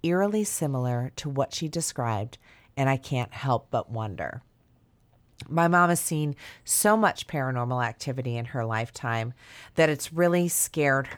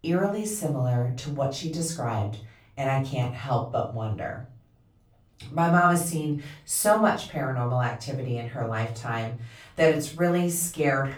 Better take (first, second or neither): first